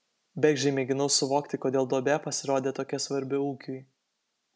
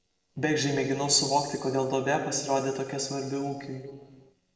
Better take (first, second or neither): first